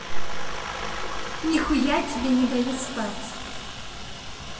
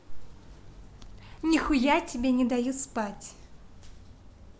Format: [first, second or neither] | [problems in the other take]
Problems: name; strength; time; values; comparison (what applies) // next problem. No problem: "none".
second | background sound (Aircraft); 10 dB below the speech // room echo; dies away in 2.2 s